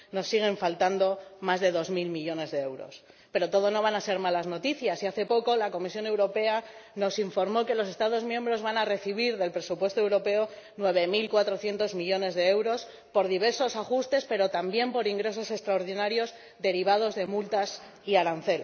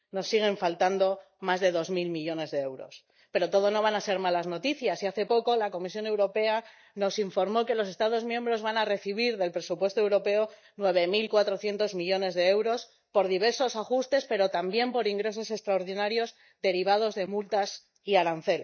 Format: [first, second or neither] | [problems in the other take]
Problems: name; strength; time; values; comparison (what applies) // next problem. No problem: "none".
first | noise reduction (neural mask model DeepFilterNet 3)